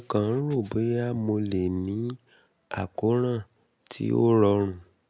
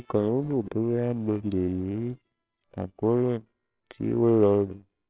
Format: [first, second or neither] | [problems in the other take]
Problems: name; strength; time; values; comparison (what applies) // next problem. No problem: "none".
first | noise reduction (neural separator model SepFormer WHAMR!)